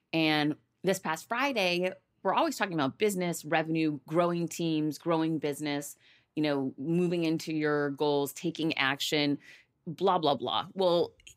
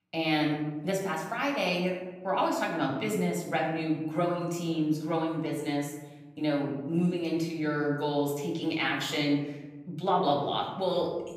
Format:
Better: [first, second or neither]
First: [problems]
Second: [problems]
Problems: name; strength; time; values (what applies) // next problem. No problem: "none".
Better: first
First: none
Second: room echo; noticeable; dies away in 1 s // off-mic speech; far